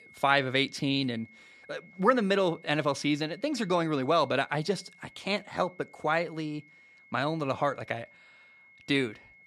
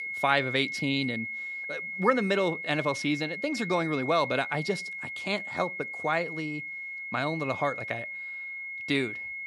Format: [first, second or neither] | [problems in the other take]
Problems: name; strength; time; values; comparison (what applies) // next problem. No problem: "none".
first | high-pitched whine; loud; throughout; 2 kHz, 5 dB below the speech; faint in the first